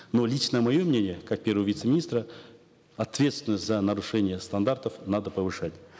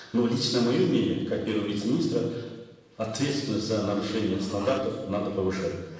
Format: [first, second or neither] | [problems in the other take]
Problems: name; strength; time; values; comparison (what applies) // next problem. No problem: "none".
first | background sound (Respiratory sounds); 18 dB below the speech // room echo; dies away in 1.1 s